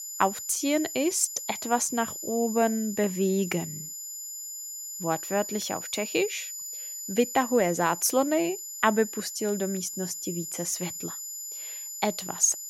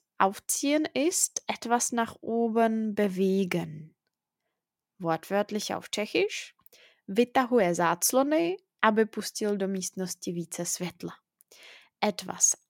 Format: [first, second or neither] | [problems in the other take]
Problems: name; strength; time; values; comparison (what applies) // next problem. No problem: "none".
second | high-pitched whine; loud; throughout; 7 kHz, 7 dB below the speech